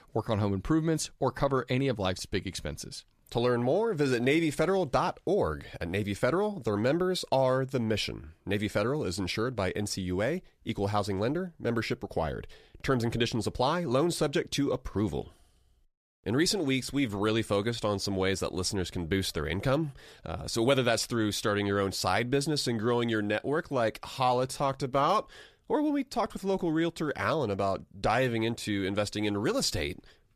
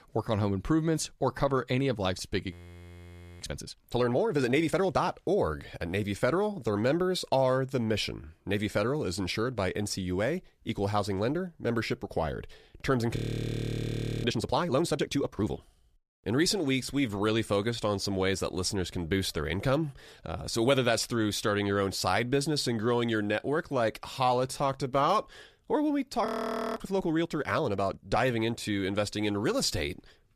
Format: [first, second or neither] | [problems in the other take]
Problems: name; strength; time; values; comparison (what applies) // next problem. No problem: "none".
first | audio freezing; at 2.5 s for 1 s, at 13 s for 1 s and at 26 s for 0.5 s